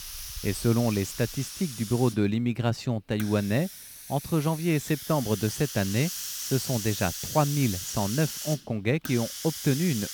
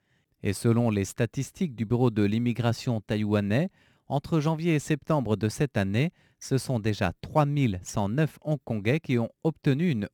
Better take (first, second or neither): second